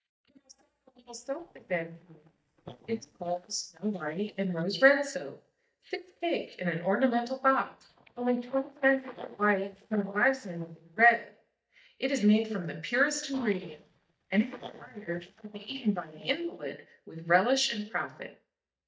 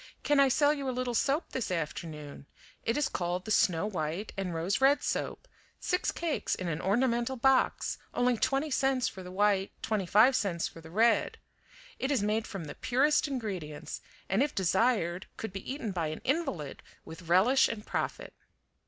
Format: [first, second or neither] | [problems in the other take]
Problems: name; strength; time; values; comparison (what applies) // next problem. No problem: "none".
second | noise reduction (neural mask model DeepFilterNet 3)